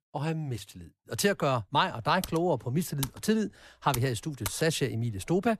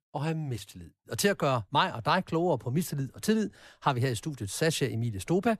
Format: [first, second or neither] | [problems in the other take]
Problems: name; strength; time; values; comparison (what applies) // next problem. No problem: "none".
second | keyboard typing; noticeable; from 2 to 4.5 s; peak 9 dB below the speech